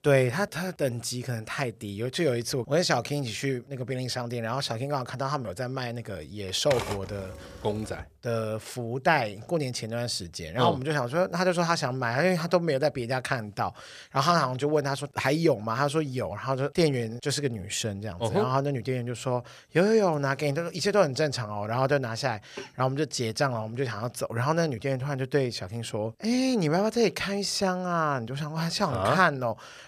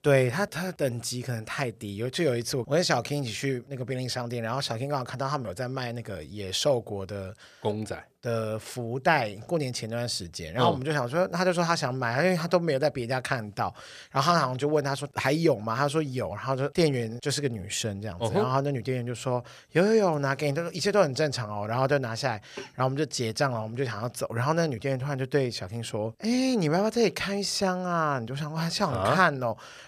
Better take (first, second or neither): second